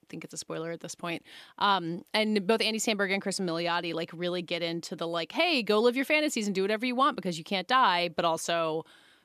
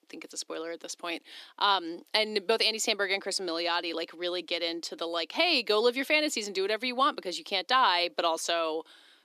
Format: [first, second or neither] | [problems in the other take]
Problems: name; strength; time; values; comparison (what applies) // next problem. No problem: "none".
first | thin; somewhat; fading below 300 Hz